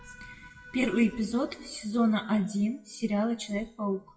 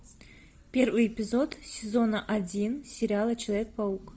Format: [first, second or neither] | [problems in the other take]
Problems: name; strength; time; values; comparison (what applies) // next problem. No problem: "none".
second | noise reduction (classical method WPE with log-MMSE)